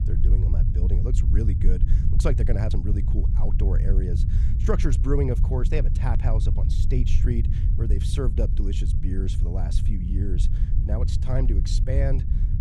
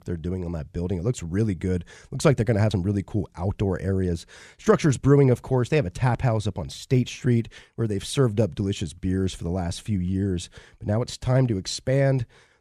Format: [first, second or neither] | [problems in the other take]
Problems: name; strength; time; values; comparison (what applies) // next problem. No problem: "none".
second | low rumble; loud; throughout; 6 dB below the speech